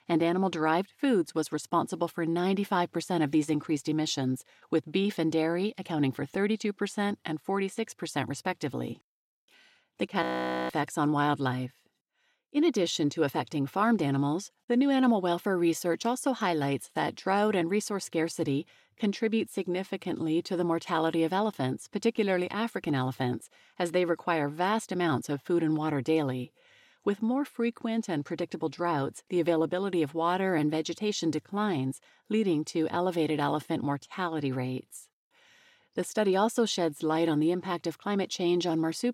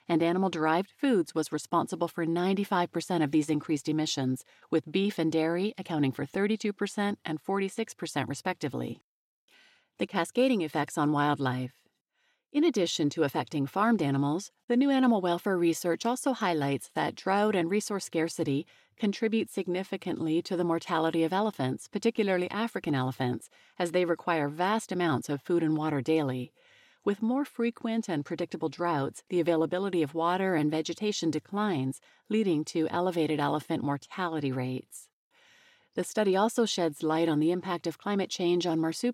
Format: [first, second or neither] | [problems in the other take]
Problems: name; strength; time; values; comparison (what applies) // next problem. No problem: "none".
second | audio freezing; at 10 s